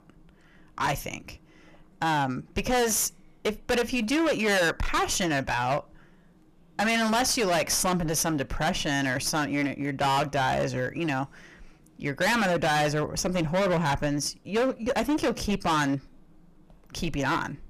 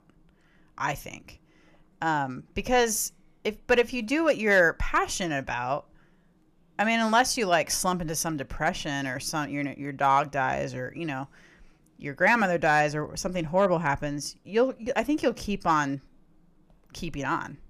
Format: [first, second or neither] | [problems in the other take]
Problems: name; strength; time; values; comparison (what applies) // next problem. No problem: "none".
second | distortion; heavy; 18% of the sound clipped